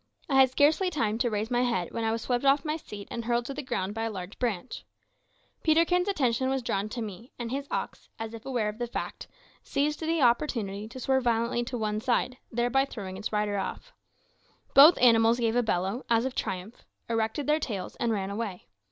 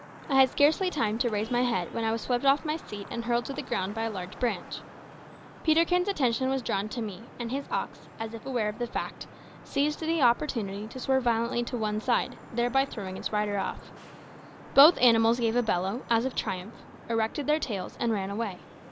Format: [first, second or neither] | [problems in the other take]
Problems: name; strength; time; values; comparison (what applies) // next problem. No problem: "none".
first | background sound (Traffic noise, roadway noise / Vehicle horn, car horn, honking); 18 dB below the speech